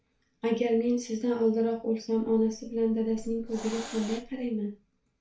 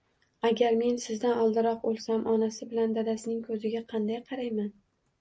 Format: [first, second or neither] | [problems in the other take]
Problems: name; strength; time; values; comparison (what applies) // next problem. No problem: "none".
second | background sound (Hiss); 15 dB below the speech // room echo; dies away in 0.3 s